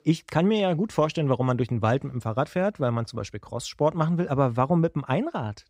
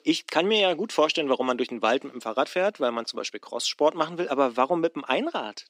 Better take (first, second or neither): first